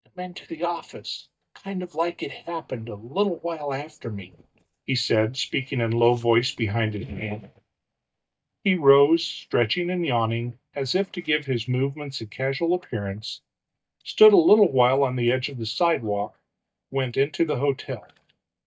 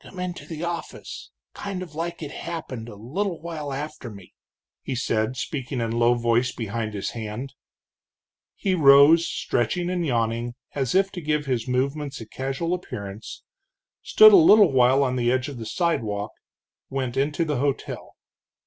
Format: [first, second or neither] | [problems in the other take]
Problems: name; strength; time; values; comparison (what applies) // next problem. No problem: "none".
second | noise reduction (neural mask model DeepFilterNet 3)